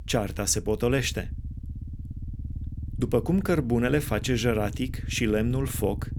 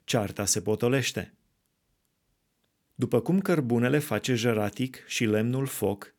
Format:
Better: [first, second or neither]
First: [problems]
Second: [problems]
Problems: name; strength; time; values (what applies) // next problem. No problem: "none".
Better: second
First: low rumble; faint; throughout; 20 dB below the speech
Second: none